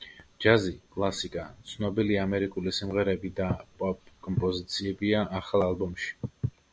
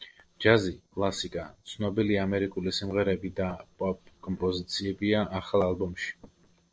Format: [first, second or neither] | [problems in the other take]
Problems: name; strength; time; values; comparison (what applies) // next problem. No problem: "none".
first | noise reduction (neural separator model SepFormer DNS4)